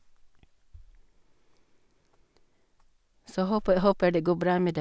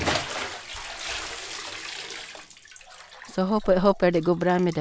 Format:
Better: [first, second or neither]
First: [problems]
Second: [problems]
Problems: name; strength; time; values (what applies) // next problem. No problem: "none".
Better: first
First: none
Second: background sound (Bathtub (filling or washing) / Splash, splatter); 8 dB below the speech